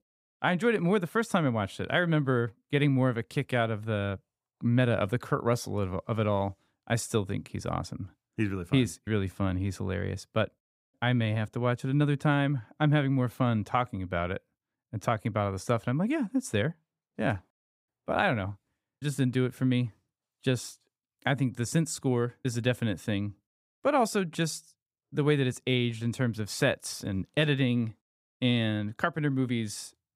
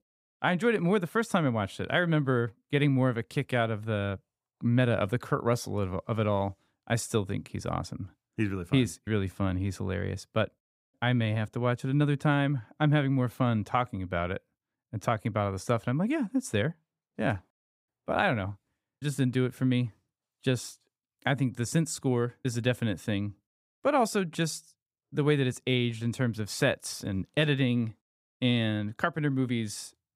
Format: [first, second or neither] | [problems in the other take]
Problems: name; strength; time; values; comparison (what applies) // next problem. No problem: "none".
neither | none